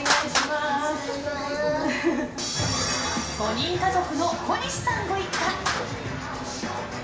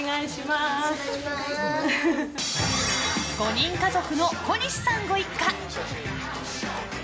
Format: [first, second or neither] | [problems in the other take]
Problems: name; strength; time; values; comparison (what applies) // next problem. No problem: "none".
second | background sound (Traffic noise, roadway noise); 6 dB below the speech // room echo; dies away in 0.6 s